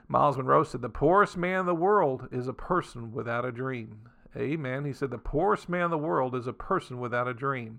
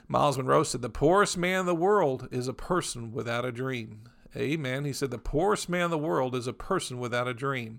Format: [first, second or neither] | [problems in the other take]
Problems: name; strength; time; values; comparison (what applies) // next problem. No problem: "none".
second | muffled; very; fading above 3 kHz